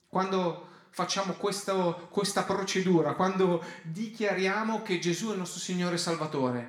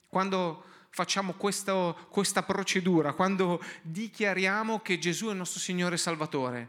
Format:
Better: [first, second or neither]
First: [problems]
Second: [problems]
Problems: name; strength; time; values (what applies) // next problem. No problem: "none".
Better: second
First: room echo; very slight; dies away in 0.5 s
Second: none